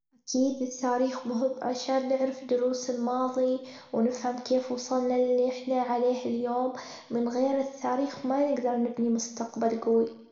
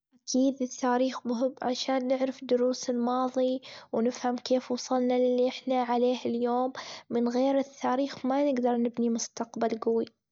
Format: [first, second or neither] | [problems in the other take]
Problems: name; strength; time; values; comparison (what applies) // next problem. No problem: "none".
second | room echo; dies away in 0.8 s